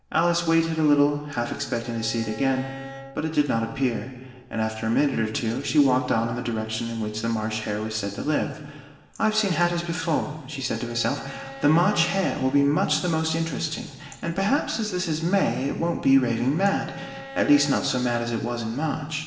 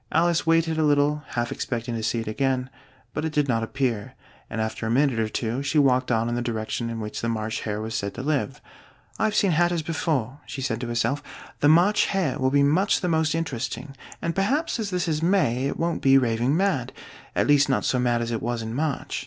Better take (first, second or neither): second